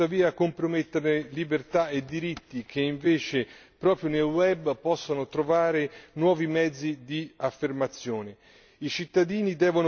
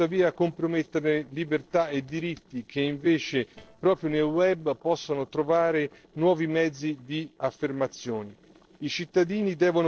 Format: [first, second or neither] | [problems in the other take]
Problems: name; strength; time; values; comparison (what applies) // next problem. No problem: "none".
first | noise reduction (neural separator model SepFormer DNS4)